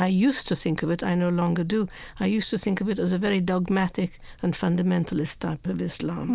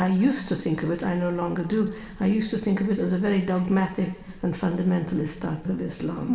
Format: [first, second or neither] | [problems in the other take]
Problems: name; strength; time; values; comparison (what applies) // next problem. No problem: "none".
first | room echo; dies away in 2.1 s